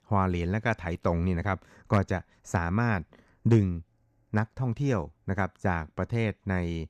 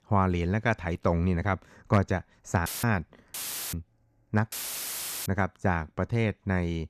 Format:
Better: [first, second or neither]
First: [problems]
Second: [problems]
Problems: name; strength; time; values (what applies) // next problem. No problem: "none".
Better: first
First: none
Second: audio cutting out; filled with static; at 2.5 s, at 3.5 s and at 4.5 s for 0.5 s